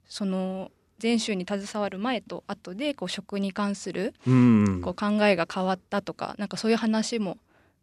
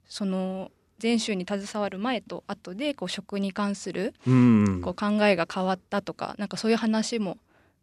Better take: neither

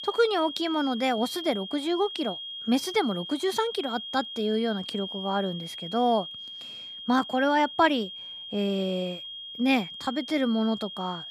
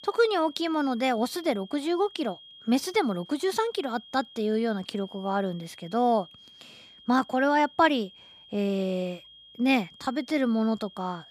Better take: second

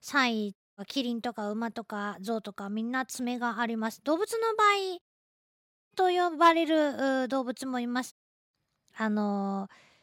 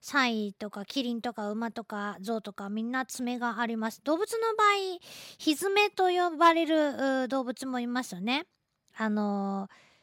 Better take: second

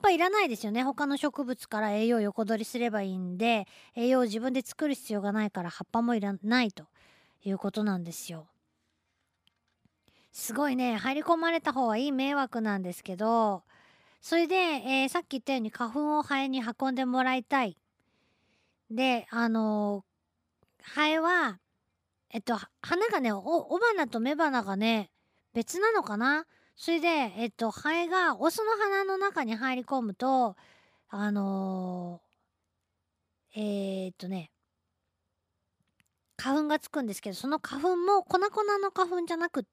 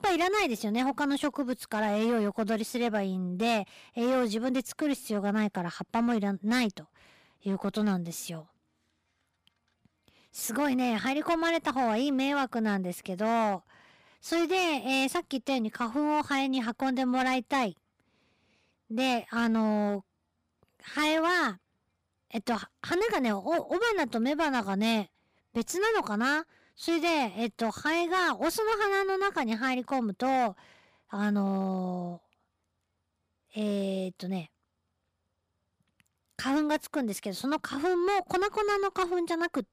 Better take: first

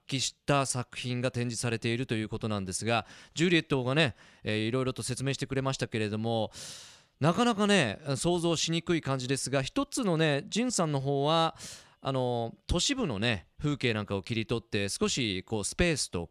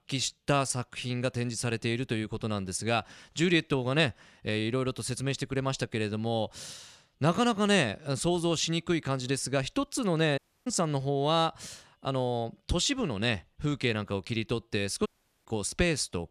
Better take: first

